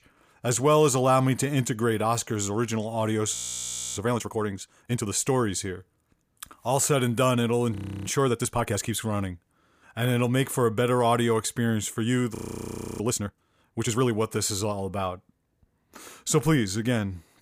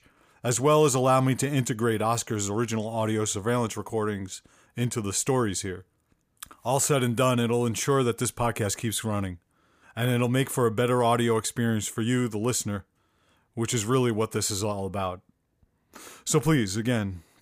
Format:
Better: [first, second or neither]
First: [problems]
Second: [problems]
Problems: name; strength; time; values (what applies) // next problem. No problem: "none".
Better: second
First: audio freezing; at 3.5 s for 0.5 s, at 8 s and at 12 s for 0.5 s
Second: none